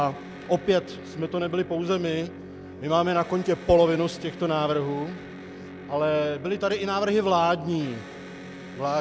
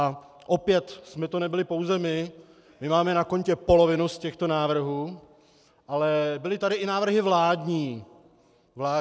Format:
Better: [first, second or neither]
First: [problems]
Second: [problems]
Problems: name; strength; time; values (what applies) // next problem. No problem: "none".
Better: second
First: background sound (Electric guitar); 14 dB below the speech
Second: none